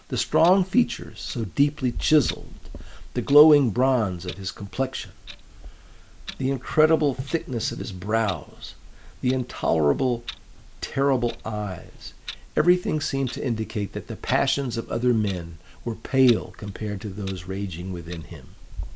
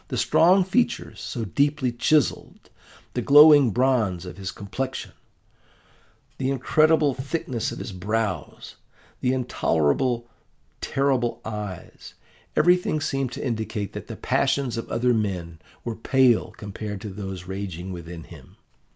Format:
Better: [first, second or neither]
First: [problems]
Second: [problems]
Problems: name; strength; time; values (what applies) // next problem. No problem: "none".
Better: second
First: noise reduction (neural mask model Resemble Enhance denoiser)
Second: none